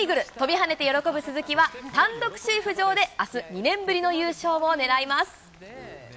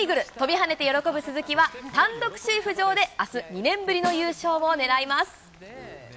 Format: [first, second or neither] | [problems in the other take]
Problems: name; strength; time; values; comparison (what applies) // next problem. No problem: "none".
first | background sound (Snare drum); 16 dB below the speech